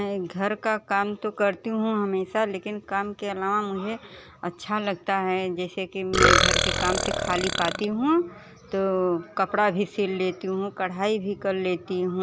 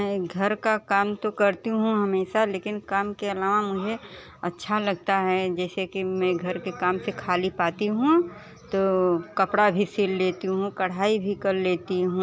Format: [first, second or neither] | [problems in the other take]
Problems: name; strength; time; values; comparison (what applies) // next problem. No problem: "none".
second | background sound (Burping, eructation); 3 dB above the speech